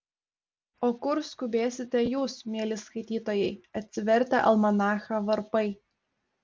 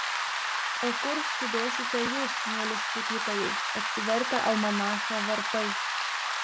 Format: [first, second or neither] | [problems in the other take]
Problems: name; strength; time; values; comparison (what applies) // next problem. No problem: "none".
first | background sound (Rain); 3 dB above the speech